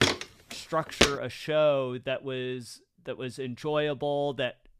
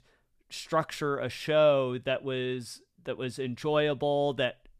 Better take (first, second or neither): second